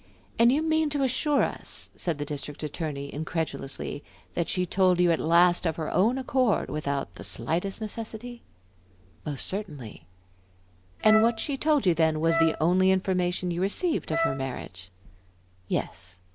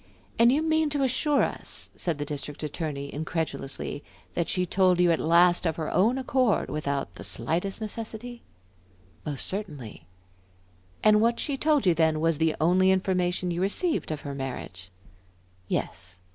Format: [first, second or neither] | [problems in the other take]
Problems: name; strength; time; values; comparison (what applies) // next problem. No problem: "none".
second | background sound (Wind instrument, woodwind instrument); 5 dB below the speech